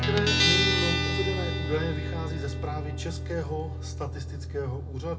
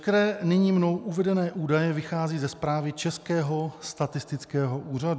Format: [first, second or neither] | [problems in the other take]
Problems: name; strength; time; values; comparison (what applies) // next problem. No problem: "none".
second | background sound (Guitar); 5 dB above the speech // room echo; dies away in 0.6 s